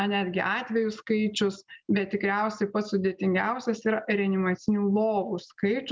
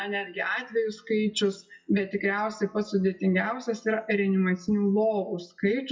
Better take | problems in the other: first | noise reduction (classical method WPE with log-MMSE)

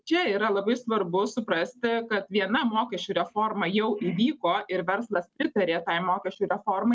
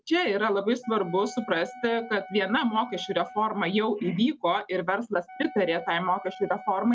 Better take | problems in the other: first | background sound (Wind instrument, woodwind instrument); 18 dB below the speech

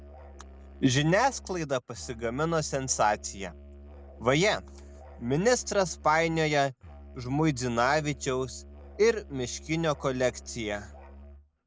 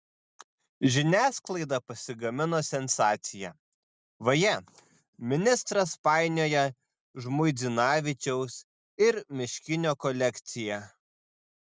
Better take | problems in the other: second | background sound (Musical instrument); 18 dB below the speech

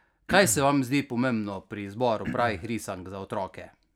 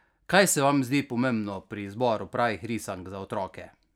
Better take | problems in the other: second | background sound (Cough); 8 dB below the speech

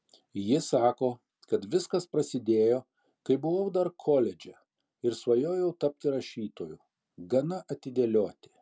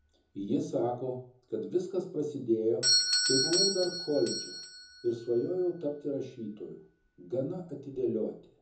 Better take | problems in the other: first | background sound (Doorbell); 2 dB below the speech // room echo; dies away in 0.6 s

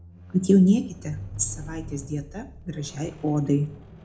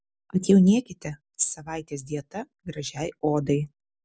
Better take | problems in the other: second | background sound (Squeak); 15 dB below the speech // room echo; dies away in 0.3 s

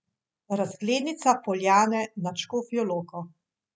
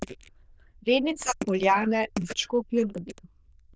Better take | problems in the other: first | noise reduction (neural diffusion model UNIVERSE++)

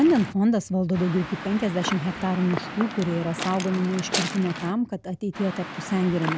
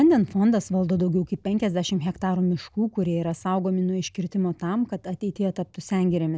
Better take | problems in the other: second | background sound (Waves, surf / Wind); 9 dB below the speech

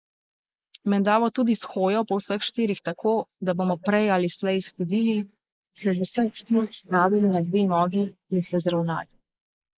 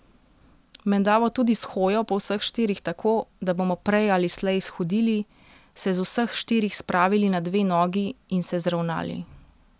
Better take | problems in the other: second | noise reduction (neural mask model Resemble Enhance denoiser)

